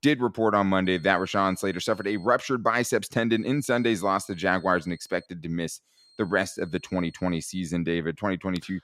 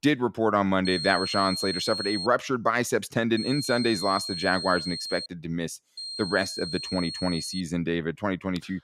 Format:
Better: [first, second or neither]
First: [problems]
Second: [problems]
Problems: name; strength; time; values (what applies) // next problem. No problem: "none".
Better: first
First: high-pitched whine; faint; from 1 to 2.5 s, from 3.5 to 5.5 s and from 6 to 7.5 s; 4 kHz, 30 dB below the speech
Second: high-pitched whine; loud; from 1 to 2.5 s, from 3.5 to 5.5 s and from 6 to 7.5 s; 4 kHz, 5 dB below the speech